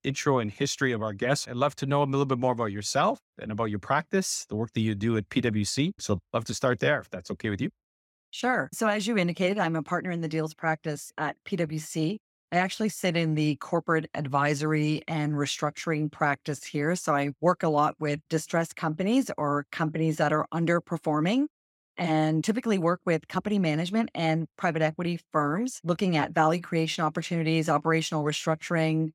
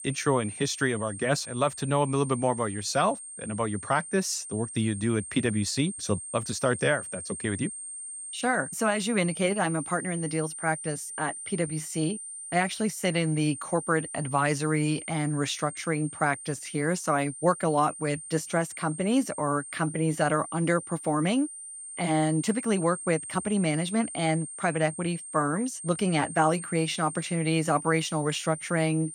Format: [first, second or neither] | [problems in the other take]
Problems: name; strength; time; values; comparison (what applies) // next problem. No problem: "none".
first | high-pitched whine; loud; throughout; 8.5 kHz, 10 dB below the speech